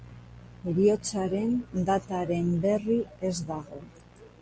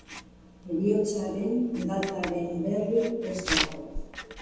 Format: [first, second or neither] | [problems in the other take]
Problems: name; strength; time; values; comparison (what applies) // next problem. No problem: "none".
first | background sound (Writing); 8 dB below the speech // room echo; dies away in 1.1 s